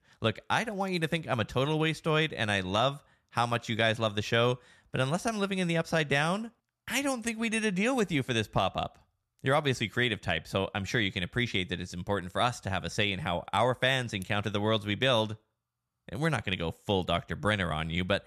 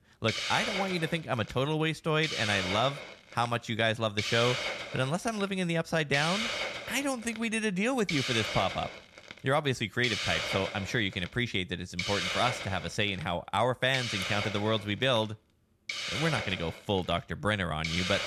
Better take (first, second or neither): first